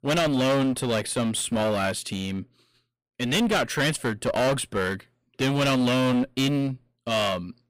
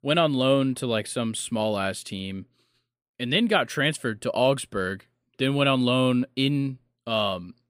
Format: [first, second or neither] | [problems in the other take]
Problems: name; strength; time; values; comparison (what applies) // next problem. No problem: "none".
second | distortion; heavy; 18% of the sound clipped